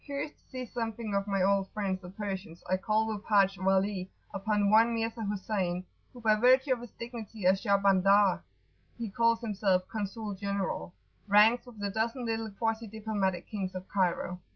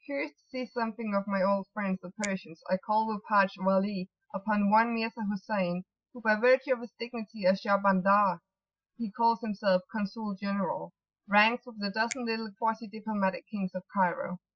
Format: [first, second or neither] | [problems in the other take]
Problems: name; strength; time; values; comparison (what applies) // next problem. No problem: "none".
first | noise reduction (classical method spectral subtraction)